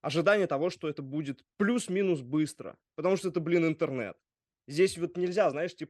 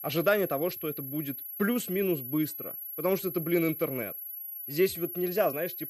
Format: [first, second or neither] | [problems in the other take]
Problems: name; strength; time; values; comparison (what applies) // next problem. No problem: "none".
first | high-pitched whine; loud; throughout; 11.5 kHz, 7 dB below the speech